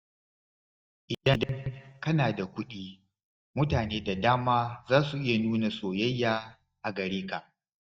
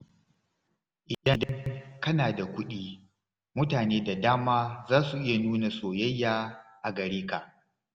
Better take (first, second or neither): second